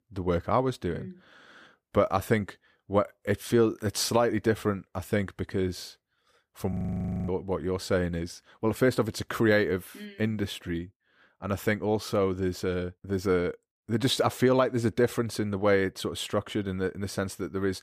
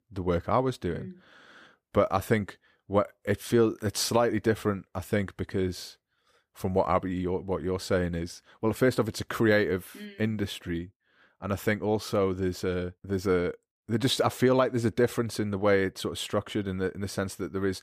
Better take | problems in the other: second | audio freezing; at 6.5 s for 0.5 s

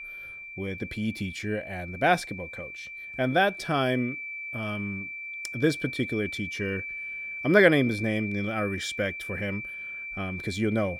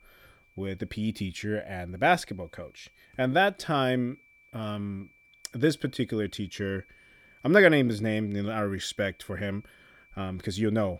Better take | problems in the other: second | high-pitched whine; loud; throughout; 2.5 kHz, 8 dB below the speech; faint in the second

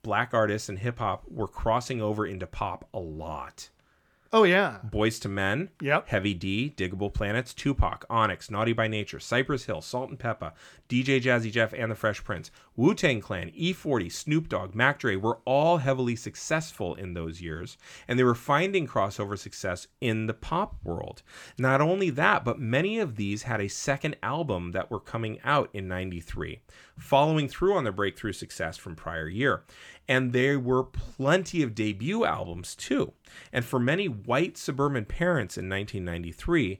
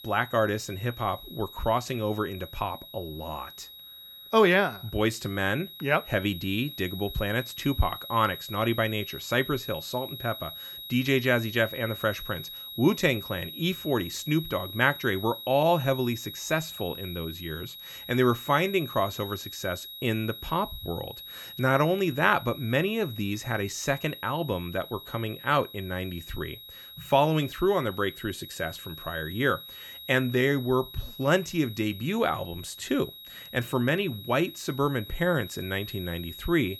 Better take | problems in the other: first | high-pitched whine; noticeable; throughout; 4 kHz, 10 dB below the speech

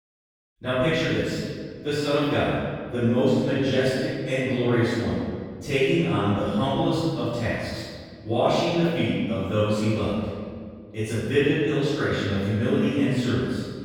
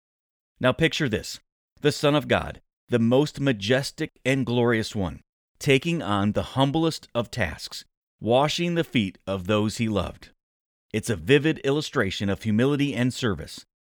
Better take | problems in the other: second | off-mic speech; far // room echo; strong; dies away in 1.7 s

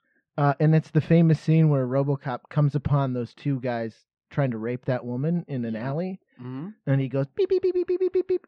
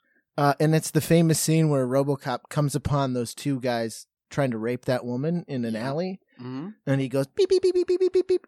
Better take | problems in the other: second | muffled; slightly; fading above 3 kHz

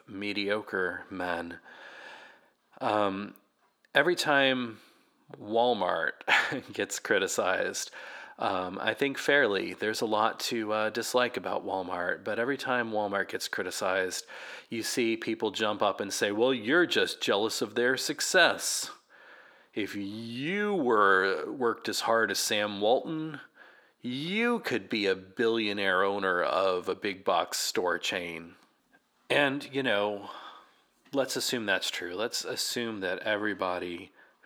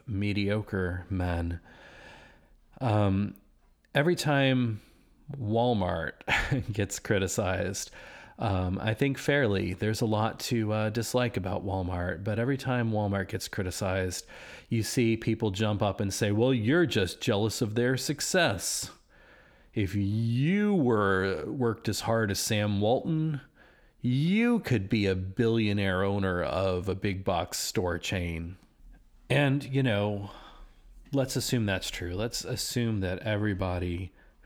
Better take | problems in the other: second | thin; somewhat; fading below 350 Hz

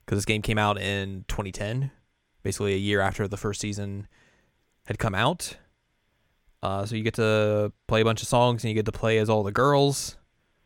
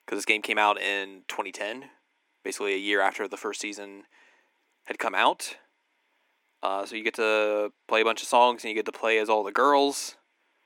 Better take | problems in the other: first | thin; somewhat; fading below 250 Hz

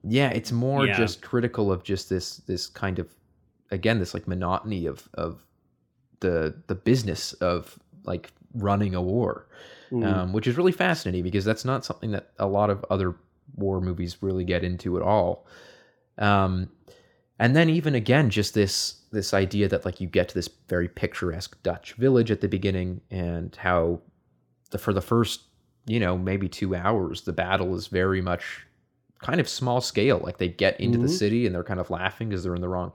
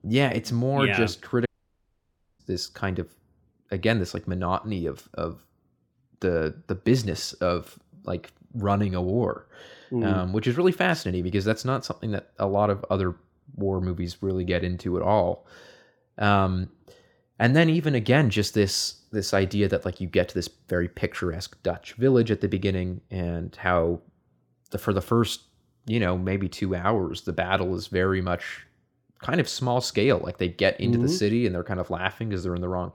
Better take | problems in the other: first | audio cutting out; at 1.5 s for 1 s

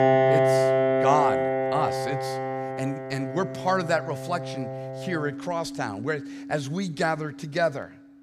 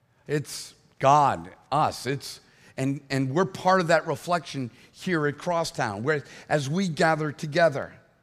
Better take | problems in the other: second | background music; very loud; throughout; 2 dB above the speech

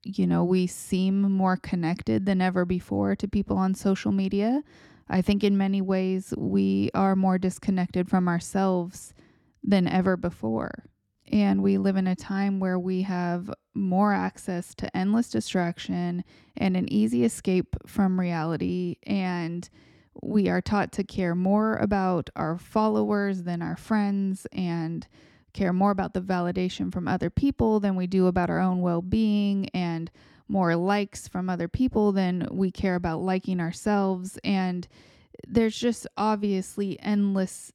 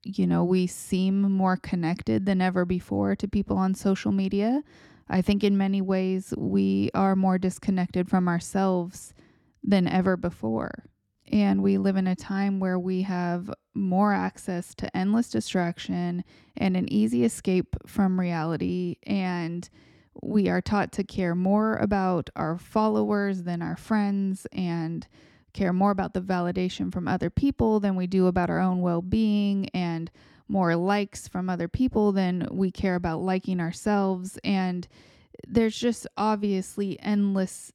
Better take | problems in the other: neither | none

